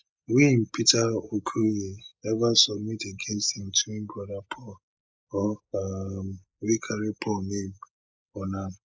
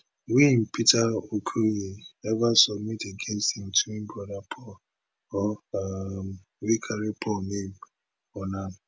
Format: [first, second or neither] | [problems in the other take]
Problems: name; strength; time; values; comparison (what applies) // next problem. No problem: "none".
second | noise reduction (neural mask model Resemble Enhance denoiser)